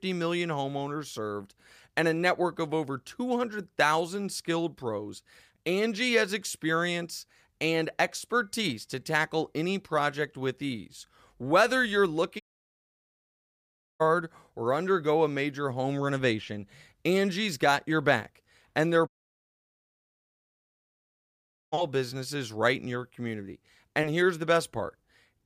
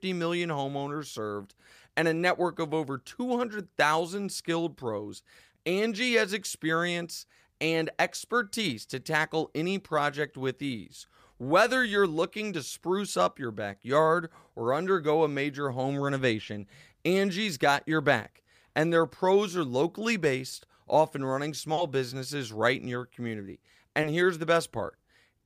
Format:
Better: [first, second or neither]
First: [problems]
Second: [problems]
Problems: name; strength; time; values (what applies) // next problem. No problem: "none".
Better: second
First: audio cutting out; at 12 s for 1.5 s and at 19 s for 2.5 s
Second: none